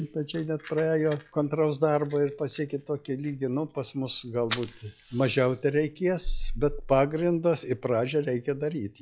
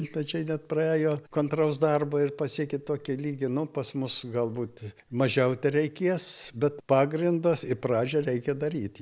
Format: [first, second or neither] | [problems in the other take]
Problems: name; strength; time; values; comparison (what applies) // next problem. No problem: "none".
second | noise reduction (classical method log-MMSE)